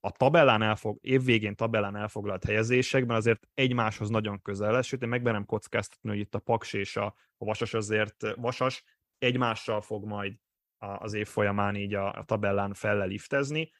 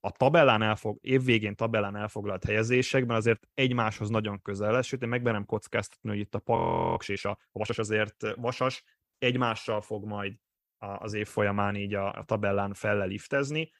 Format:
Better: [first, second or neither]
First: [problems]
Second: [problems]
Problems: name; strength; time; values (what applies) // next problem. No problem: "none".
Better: first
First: none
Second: audio freezing; at 6.5 s